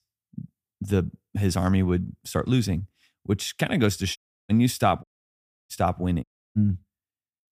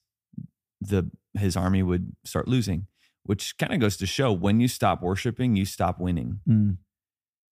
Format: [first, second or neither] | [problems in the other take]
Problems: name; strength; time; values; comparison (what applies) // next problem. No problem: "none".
second | audio cutting out; at 4 s, at 5 s for 0.5 s and at 6 s